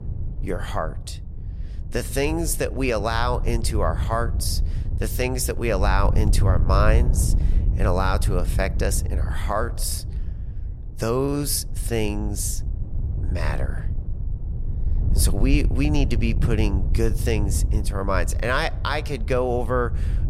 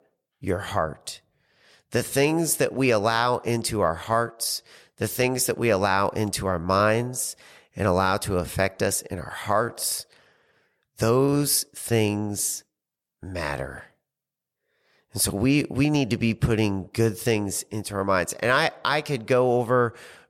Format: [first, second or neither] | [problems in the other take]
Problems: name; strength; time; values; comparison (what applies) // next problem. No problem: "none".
second | wind noise on the microphone; occasional gusts; 15 dB below the speech